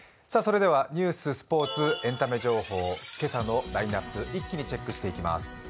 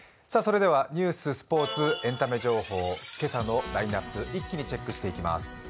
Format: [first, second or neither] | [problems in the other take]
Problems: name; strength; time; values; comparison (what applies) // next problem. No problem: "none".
first | background sound (Brass instrument); 19 dB below the speech